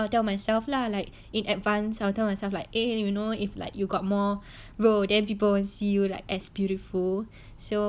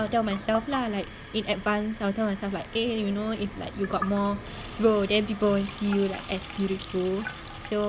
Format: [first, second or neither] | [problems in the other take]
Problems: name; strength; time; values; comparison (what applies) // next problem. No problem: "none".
first | background sound (Sink (filling or washing) / Water tap, faucet); 12 dB below the speech